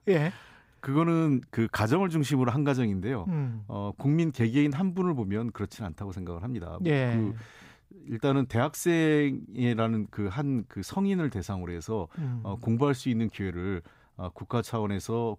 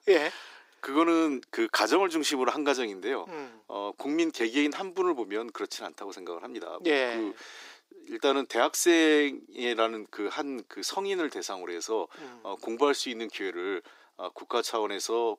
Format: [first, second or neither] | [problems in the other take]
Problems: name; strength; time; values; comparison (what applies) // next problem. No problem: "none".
first | thin; somewhat; fading below 350 Hz